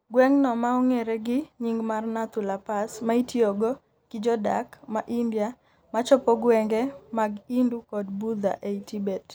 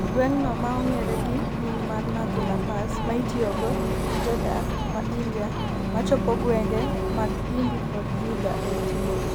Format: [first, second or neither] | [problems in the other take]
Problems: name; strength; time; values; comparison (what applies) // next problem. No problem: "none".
first | background sound (Engine + Ocean); 3 dB above the speech